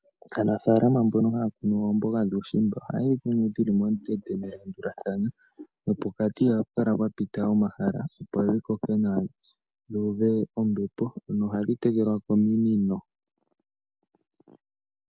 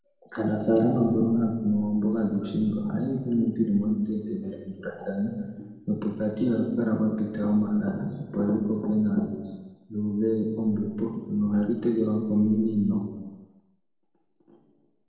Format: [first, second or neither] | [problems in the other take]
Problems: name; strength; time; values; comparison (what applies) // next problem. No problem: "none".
first | room echo; dies away in 1.2 s